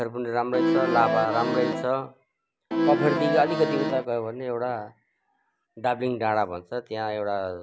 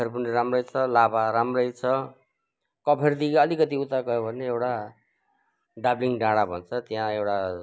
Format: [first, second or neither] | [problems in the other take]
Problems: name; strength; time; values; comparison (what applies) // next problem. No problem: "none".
second | background sound (Accordion); 2 dB above the speech